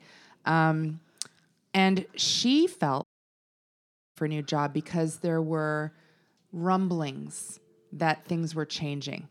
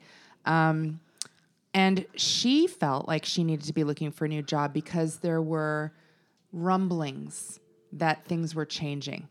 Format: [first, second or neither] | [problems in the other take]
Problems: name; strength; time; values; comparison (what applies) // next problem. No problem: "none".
second | audio cutting out; at 3 s for 1 s